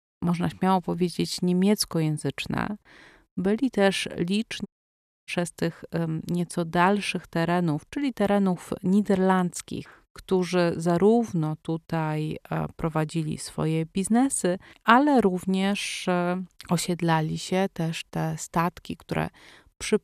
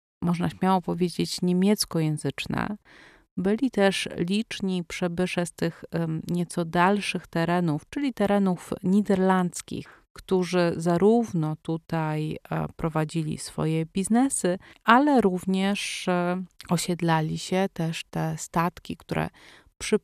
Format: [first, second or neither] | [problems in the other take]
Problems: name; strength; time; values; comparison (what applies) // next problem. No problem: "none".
second | audio cutting out; at 4.5 s for 0.5 s